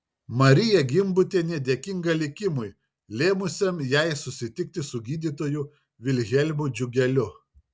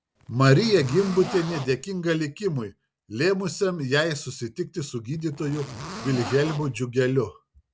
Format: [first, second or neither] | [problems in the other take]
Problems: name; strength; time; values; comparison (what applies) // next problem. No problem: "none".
first | background sound (Zipper (clothing)); 12 dB below the speech